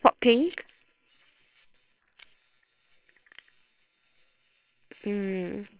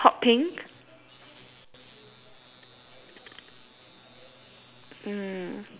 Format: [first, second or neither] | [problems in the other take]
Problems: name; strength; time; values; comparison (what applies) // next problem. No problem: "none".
second | noise reduction (neural separator model SepFormer WHAMR!)